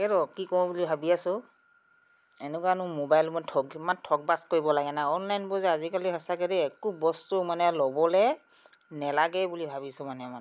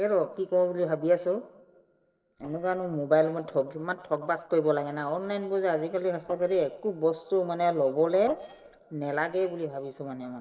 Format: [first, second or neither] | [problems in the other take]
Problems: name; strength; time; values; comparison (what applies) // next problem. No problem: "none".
first | noise reduction (neural separator model SepFormer DNS4)